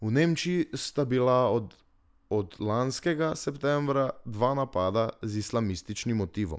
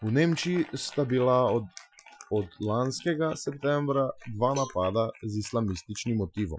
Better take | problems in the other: first | noise reduction (classical method Wiener filter)

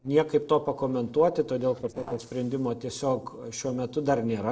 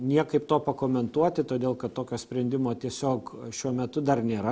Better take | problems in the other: second | noise reduction (neural separator model SepFormer DNS4)

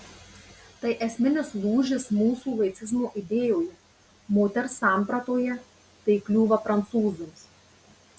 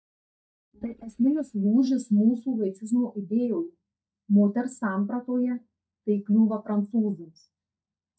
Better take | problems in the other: first | noise reduction (neural mask model DeepFilterNet 3)

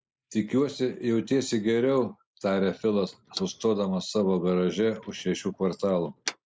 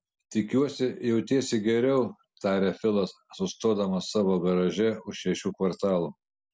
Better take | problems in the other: second | noise reduction (neural mask model Resemble Enhance denoiser)

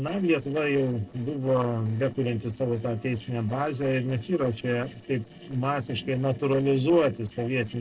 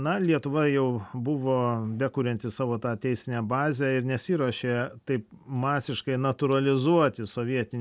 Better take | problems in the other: second | noise reduction (neural separator model SepFormer DNS4)

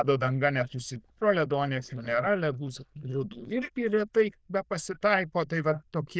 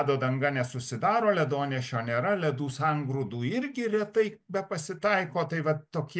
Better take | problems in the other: second | noise reduction (neural diffusion model UNIVERSE++)

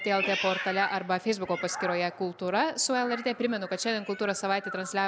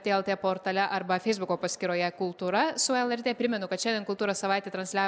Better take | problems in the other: second | background sound (Meow); 9 dB below the speech

